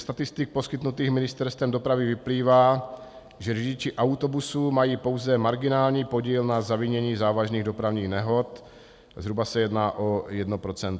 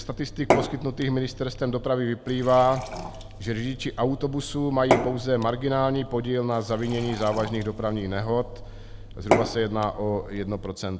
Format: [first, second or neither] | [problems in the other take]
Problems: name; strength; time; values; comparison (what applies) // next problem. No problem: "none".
first | background sound (Fill (with liquid) / Glass / Water); 5 dB below the speech